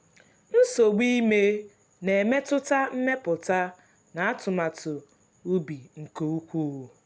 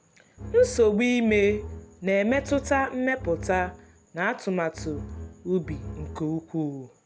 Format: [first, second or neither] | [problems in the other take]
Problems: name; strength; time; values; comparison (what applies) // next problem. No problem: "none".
first | background sound (Bowed string instrument); 12 dB below the speech